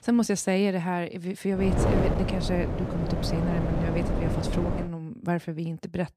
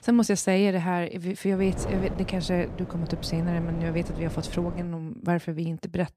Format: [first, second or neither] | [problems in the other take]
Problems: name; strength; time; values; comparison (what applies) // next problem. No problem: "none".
second | wind noise on the microphone; heavy; from 1.5 to 5 s; as loud as the speech; occasional gusts in the second